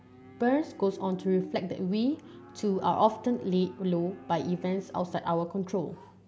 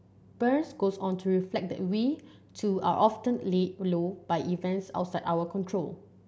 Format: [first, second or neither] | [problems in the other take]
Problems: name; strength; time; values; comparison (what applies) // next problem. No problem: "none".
second | background sound (Livestock, farm animals, working animals); 20 dB below the speech